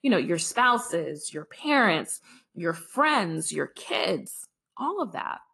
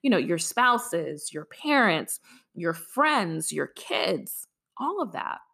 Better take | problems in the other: second | garbled, watery; slightly; nothing above 11.5 kHz

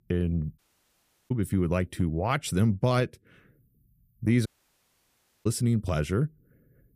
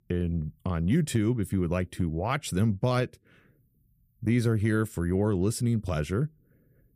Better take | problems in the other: second | audio cutting out; at 0.5 s for 0.5 s and at 4.5 s for 1 s

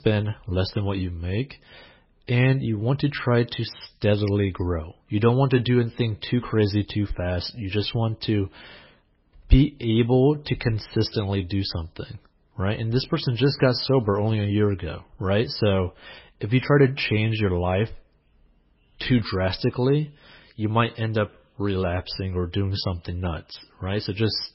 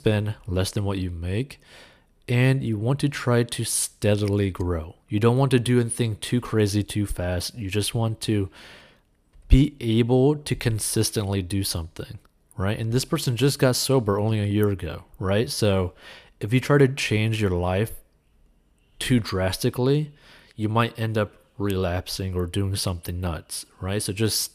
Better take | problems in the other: second | garbled, watery; badly; nothing above 5.5 kHz

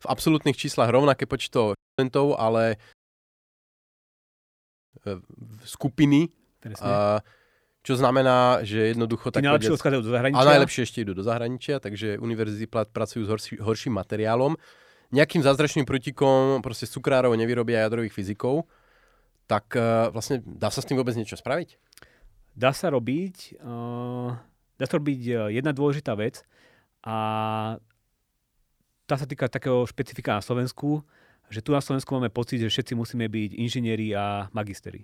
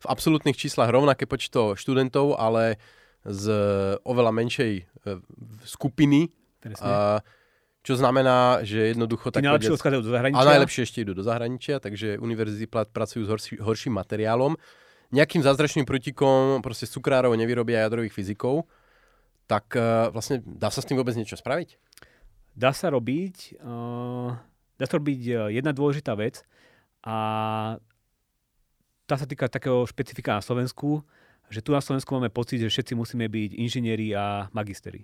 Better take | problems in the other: second | audio cutting out; at 2 s and at 3 s for 2 s

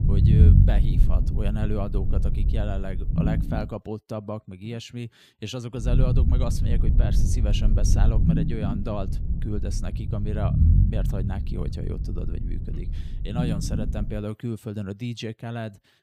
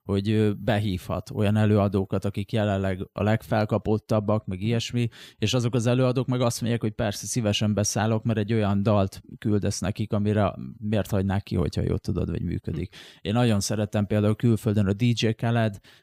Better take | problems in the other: second | low rumble; loud; until 3.5 s and from 6 to 14 s; 2 dB below the speech

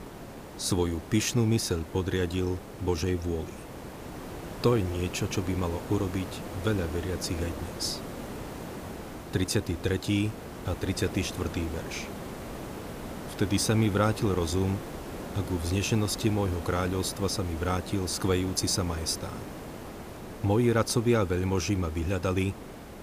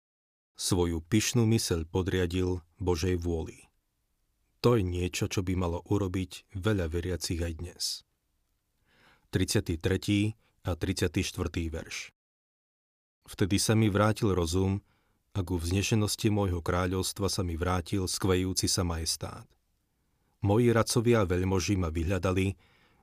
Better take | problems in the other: second | hiss; noticeable; throughout; 10 dB below the speech

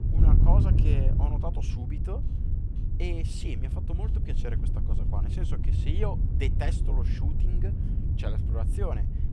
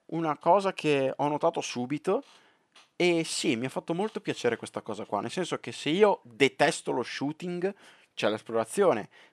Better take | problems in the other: second | wind noise on the microphone; heavy; 2 dB below the speech

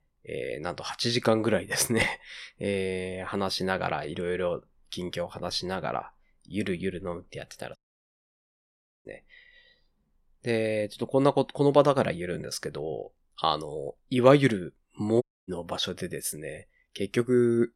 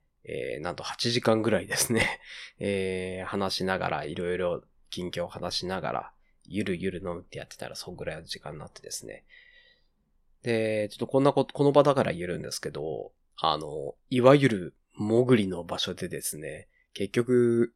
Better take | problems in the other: second | audio cutting out; at 8 s for 1.5 s and at 15 s

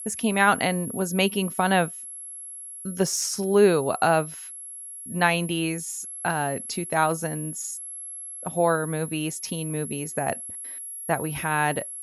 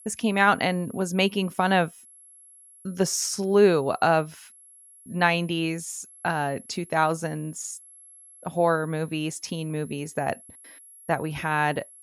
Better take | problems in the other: second | high-pitched whine; loud; throughout; 11 kHz, 10 dB below the speech; faint in the second

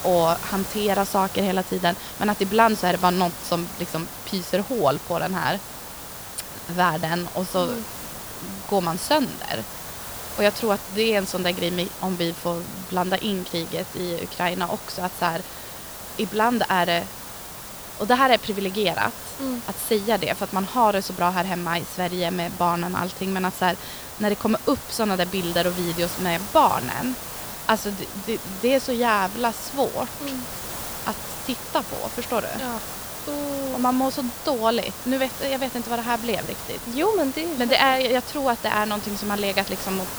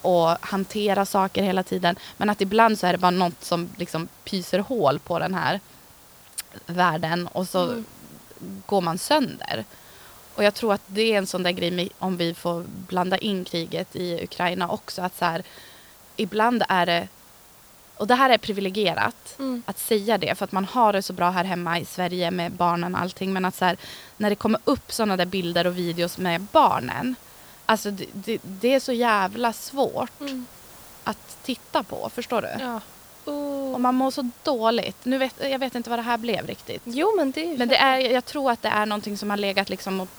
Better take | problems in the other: second | hiss; loud; throughout; 9 dB below the speech; faint in the second

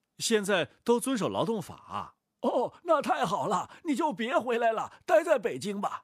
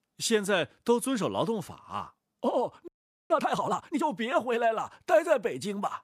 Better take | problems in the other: first | audio freezing; at 3 s

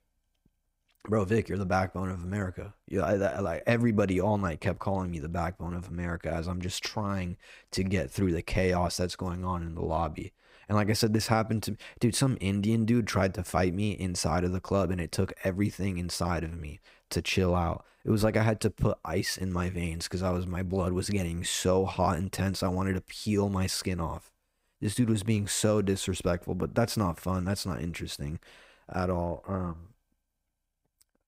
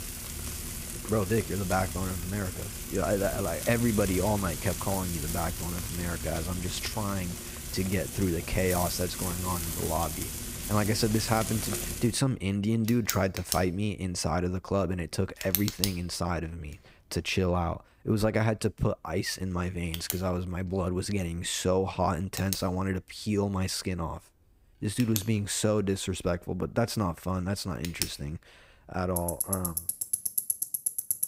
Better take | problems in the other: first | household noises; loud; throughout; 4 dB below the speech

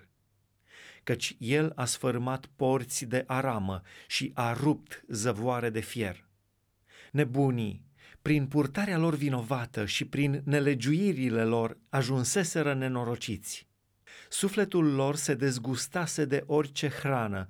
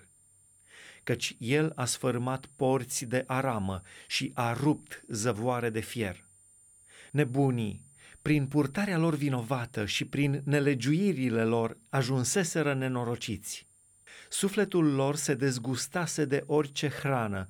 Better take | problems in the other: first | high-pitched whine; faint; throughout; 9 kHz, 30 dB below the speech

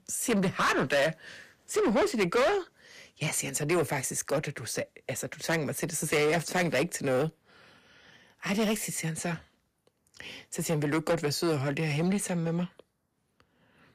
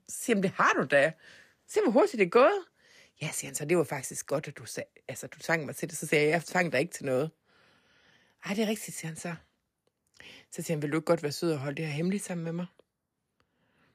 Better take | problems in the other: second | distortion; heavy; 7 dB below the speech

